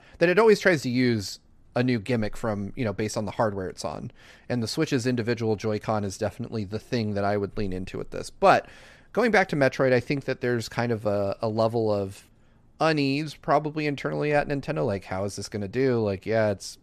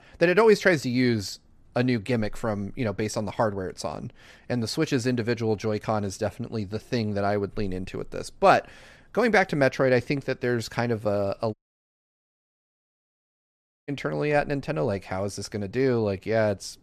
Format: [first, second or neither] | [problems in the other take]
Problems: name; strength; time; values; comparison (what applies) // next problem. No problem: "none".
first | audio cutting out; at 12 s for 2.5 s